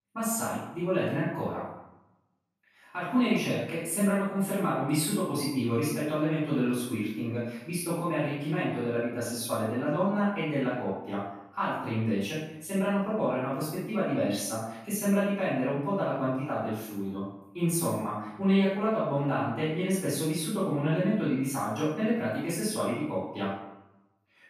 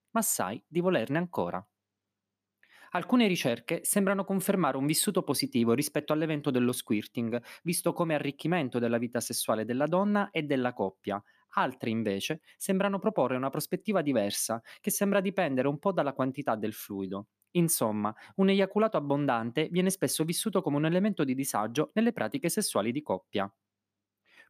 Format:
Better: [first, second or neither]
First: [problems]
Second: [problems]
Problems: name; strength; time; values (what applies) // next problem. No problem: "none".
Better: second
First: off-mic speech; far // room echo; strong; dies away in 0.7 s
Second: none